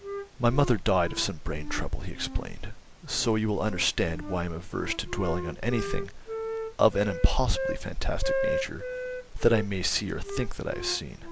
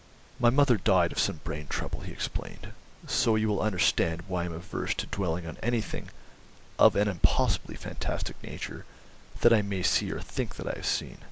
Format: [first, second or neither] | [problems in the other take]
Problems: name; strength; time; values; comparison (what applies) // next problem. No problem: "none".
second | background sound (Wind instrument, woodwind instrument); 9 dB below the speech